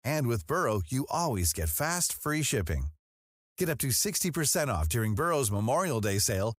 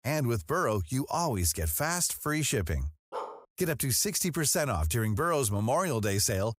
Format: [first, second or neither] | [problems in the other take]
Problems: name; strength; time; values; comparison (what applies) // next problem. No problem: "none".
first | dog barking; faint; at 3 s; peak 10 dB below the speech